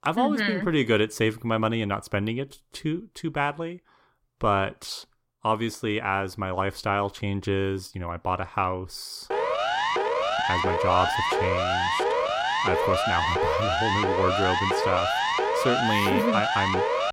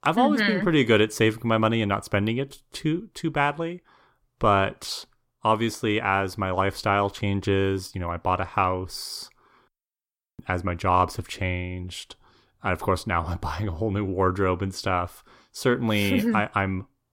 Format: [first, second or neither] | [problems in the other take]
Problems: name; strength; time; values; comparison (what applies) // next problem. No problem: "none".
second | siren; loud; from 9.5 s on; peak 4 dB above the speech